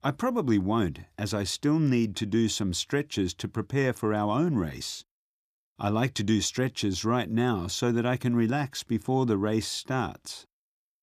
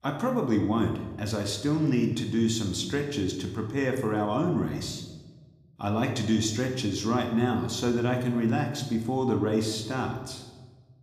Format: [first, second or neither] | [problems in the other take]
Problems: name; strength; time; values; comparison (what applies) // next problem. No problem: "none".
first | room echo; slight; dies away in 0.9 s